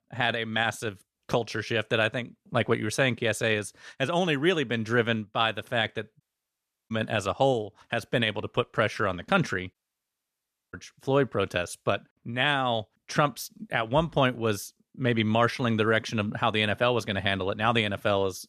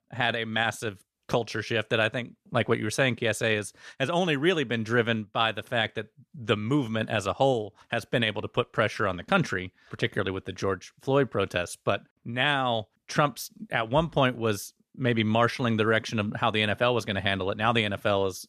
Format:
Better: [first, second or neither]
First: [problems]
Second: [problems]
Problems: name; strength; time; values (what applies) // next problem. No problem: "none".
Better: second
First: audio cutting out; at 6 s for 0.5 s and at 9.5 s for 1 s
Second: none